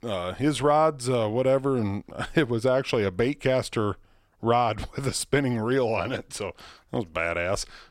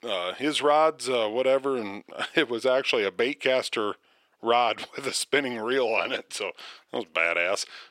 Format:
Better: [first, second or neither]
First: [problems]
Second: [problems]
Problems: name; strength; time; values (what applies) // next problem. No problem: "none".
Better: first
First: none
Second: thin; somewhat; fading below 400 Hz